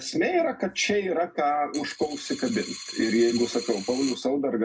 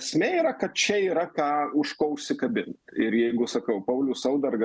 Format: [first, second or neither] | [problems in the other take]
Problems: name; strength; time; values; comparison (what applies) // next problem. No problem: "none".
second | background sound (Coin (dropping)); 13 dB below the speech // room echo; dies away in 0.2 s